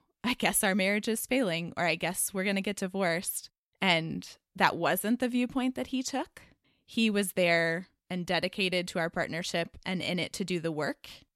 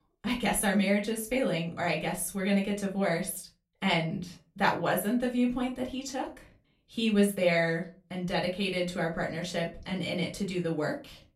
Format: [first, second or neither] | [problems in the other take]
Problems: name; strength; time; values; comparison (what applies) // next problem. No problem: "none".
first | off-mic speech; far // room echo; very slight; dies away in 0.3 s